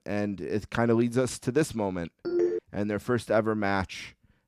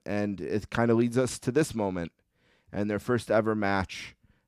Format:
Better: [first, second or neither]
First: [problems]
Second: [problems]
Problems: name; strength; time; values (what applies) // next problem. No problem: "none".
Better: second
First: phone ringing; loud; at 2.5 s; peak 1 dB above the speech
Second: none